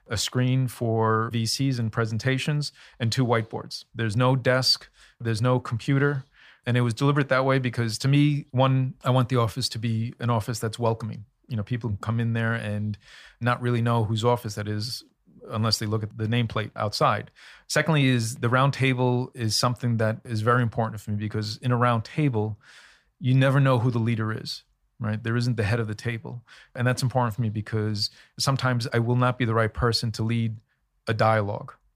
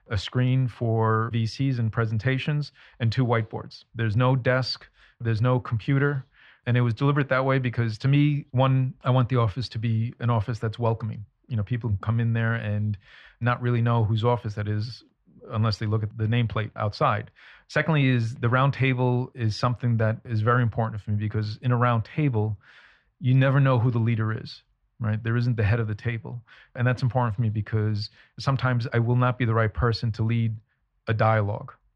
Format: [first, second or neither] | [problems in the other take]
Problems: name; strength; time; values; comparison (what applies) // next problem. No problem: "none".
first | muffled; slightly; fading above 2.5 kHz